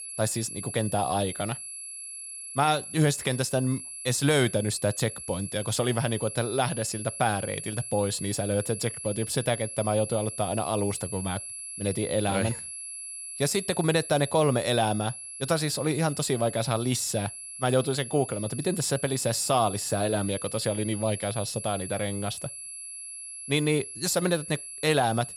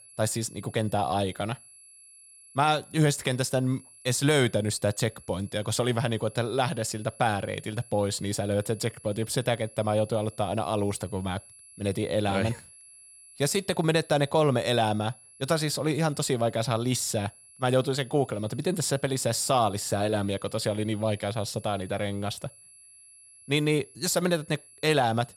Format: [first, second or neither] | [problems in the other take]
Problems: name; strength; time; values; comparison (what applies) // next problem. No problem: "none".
second | high-pitched whine; loud; throughout; 11 kHz, 9 dB below the speech; faint in the second